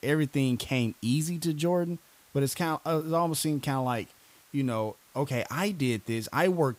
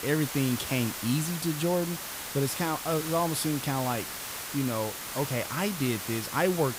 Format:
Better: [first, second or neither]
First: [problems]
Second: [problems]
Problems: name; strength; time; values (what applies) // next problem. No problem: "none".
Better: first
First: hiss; faint; throughout; 25 dB below the speech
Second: hiss; loud; throughout; 5 dB below the speech